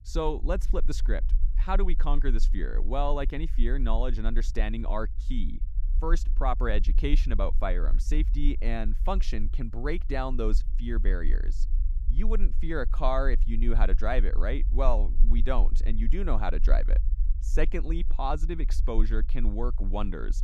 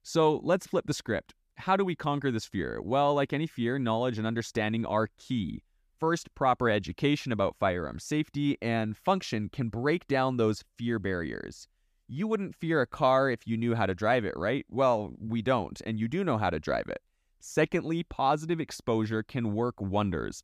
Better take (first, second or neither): second